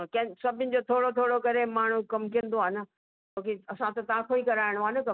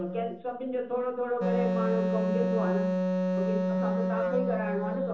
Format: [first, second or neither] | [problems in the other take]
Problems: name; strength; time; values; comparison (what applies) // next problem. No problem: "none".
first | background sound (Wind instrument, woodwind instrument); 3 dB above the speech // room echo; dies away in 0.6 s